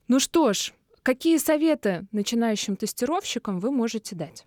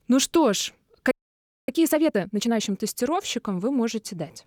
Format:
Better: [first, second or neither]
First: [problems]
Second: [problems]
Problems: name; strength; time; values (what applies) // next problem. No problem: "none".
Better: first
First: none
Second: audio freezing; at 1 s for 0.5 s